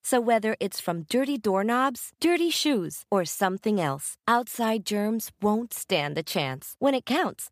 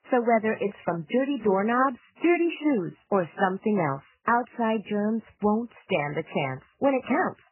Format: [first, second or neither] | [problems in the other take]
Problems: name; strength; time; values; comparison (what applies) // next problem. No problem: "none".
first | garbled, watery; badly; nothing above 3 kHz